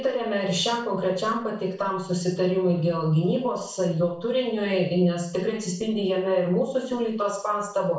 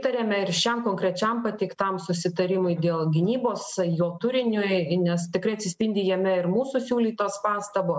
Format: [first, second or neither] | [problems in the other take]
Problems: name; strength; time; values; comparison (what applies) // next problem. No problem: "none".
second | room echo; dies away in 0.4 s